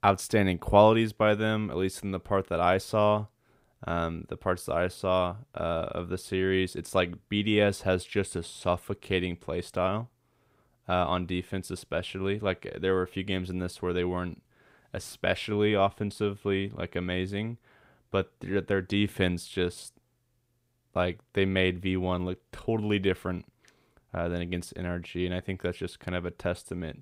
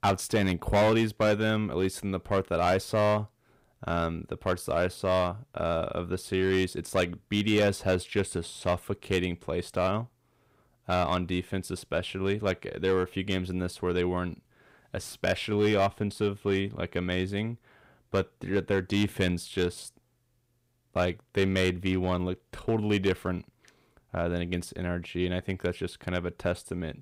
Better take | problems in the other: first | distortion; slight; 3% of the sound clipped

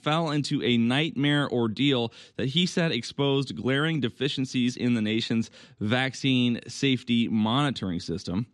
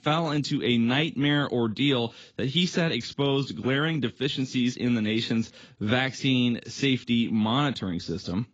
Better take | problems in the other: first | garbled, watery; badly; nothing above 7.5 kHz

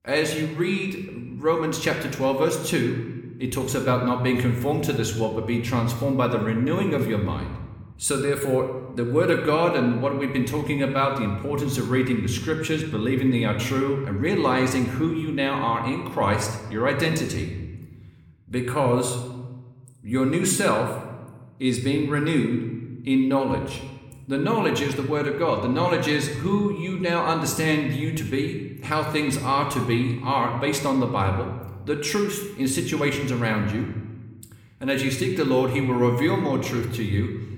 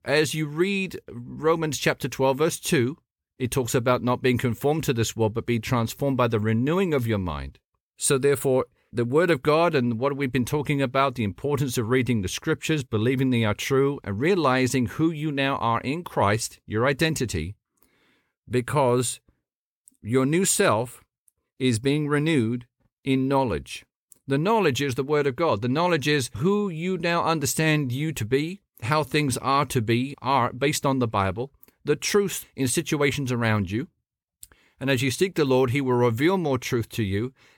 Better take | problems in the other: second | room echo; slight; dies away in 1 s

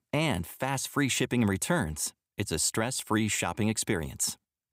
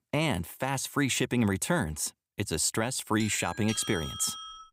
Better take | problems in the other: first | doorbell; noticeable; from 3 s on; peak 7 dB below the speech

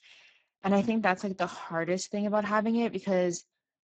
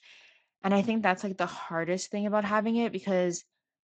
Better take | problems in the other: second | garbled, watery; badly; nothing above 7.5 kHz; slightly in the second

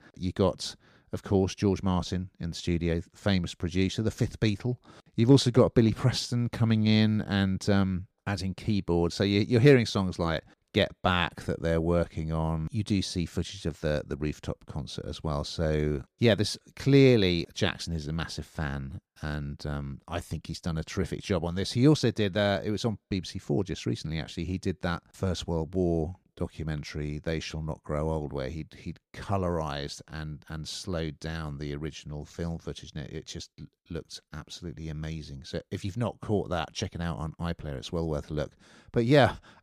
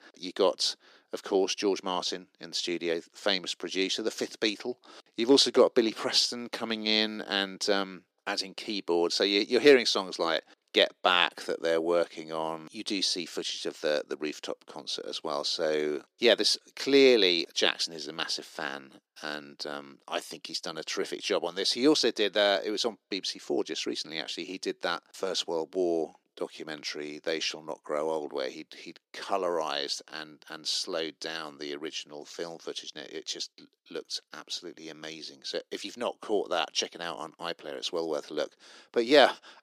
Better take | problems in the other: first | thin; somewhat; fading below 300 Hz

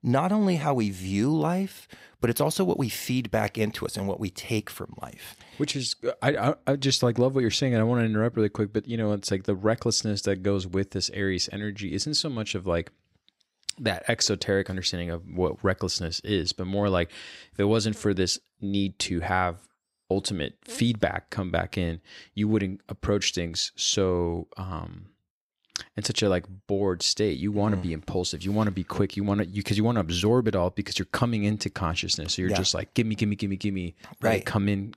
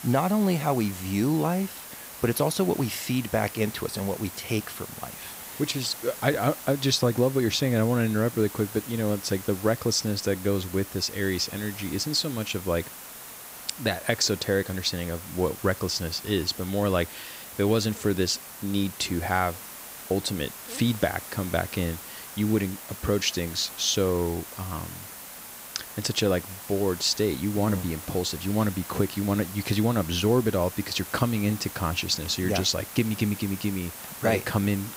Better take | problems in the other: first | hiss; noticeable; throughout; 10 dB below the speech

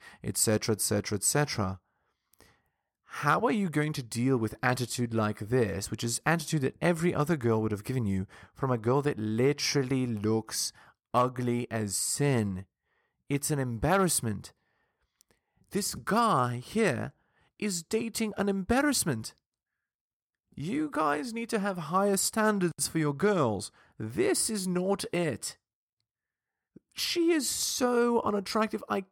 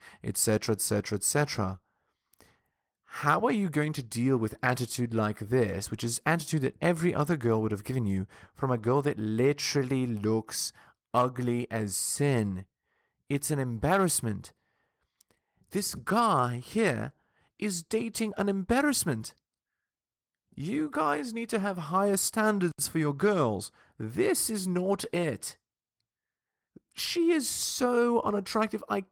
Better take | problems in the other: first | garbled, watery; slightly; nothing above 17.5 kHz

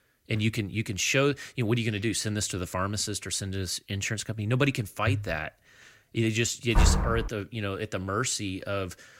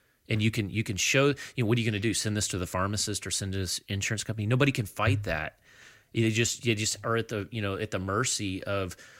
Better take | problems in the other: second | door banging; loud; at 7 s; peak 4 dB above the speech

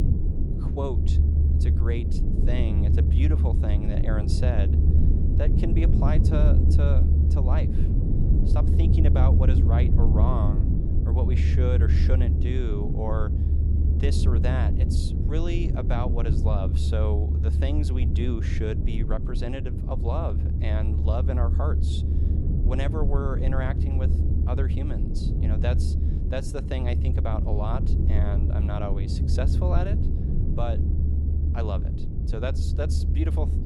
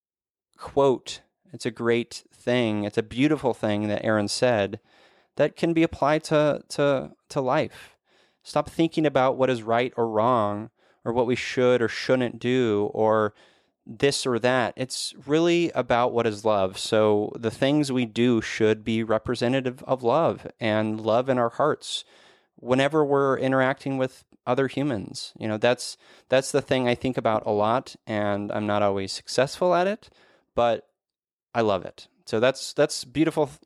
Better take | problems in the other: second | low rumble; loud; throughout; 3 dB below the speech

